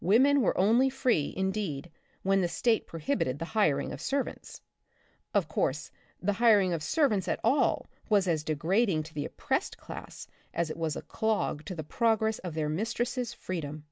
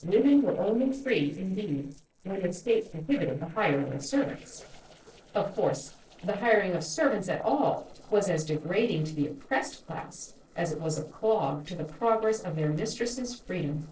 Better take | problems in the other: first | noise reduction (neural separator model SepFormer DNS4)

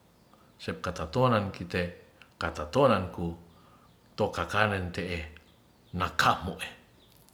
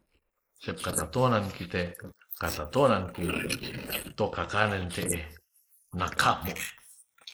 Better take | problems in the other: first | noise reduction (neural mask model Resemble Enhance denoiser)

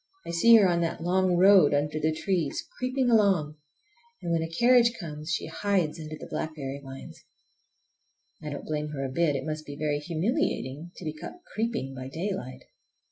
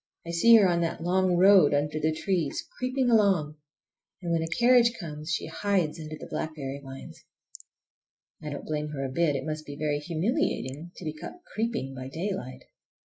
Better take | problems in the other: first | noise reduction (neural mask model Resemble Enhance denoiser)

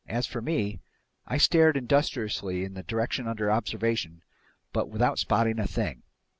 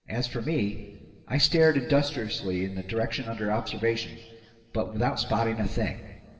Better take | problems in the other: first | room echo; dies away in 2.5 s

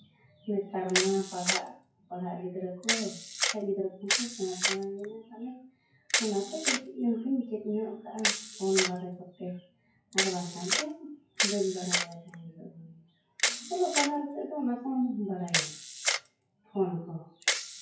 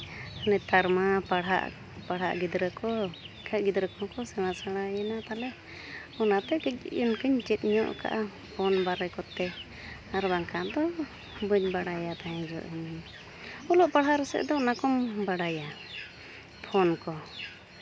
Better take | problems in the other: second | noise reduction (classical method WPE with log-MMSE)

